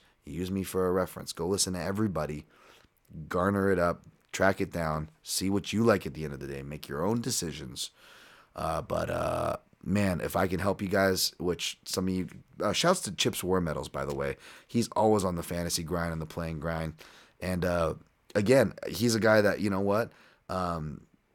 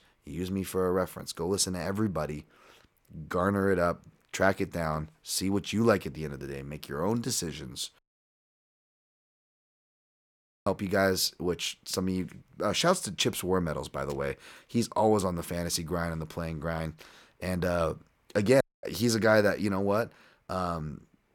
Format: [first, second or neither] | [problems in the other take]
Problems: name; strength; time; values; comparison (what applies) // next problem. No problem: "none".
first | audio cutting out; at 8 s for 2.5 s and at 19 s